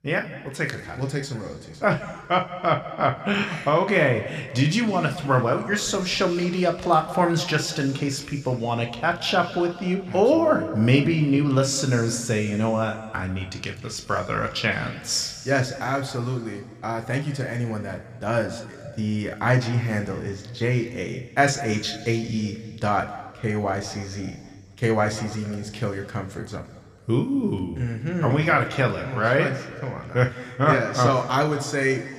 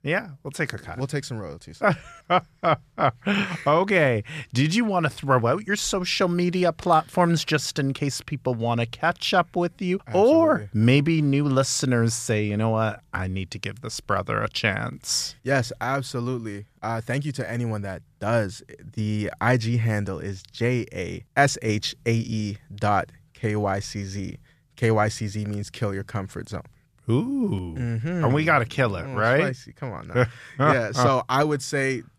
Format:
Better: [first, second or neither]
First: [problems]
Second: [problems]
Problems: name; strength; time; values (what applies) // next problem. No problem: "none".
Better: second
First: room echo; slight; dies away in 1.8 s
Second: none